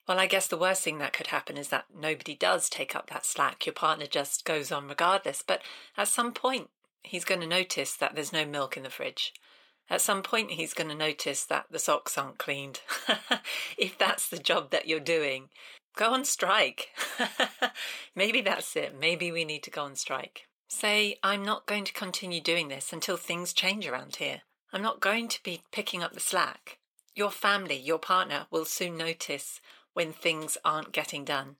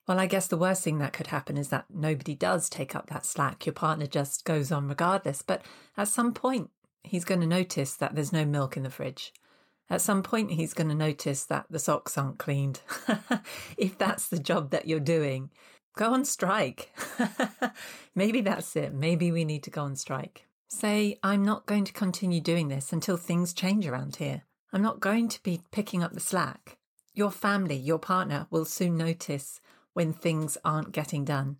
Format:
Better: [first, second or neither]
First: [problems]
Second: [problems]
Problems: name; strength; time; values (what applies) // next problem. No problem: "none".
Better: second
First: thin; somewhat; fading below 450 Hz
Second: none